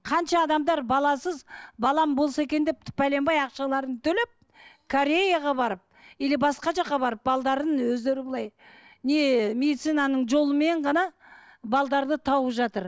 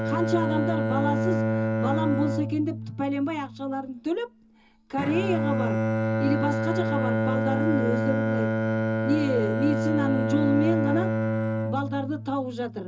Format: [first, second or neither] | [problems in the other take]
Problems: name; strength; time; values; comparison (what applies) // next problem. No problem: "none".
first | background sound (Bowed string instrument); 2 dB above the speech // room echo; dies away in 0.2 s